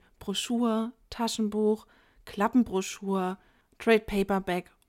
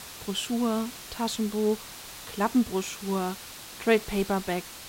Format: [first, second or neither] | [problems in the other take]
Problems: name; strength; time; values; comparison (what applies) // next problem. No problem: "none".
first | hiss; noticeable; throughout; 10 dB below the speech